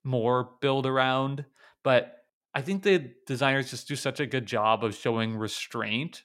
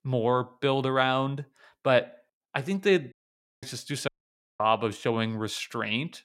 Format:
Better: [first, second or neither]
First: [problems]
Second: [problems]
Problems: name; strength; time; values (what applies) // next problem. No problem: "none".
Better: first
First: none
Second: audio cutting out; at 3 s for 0.5 s and at 4 s for 0.5 s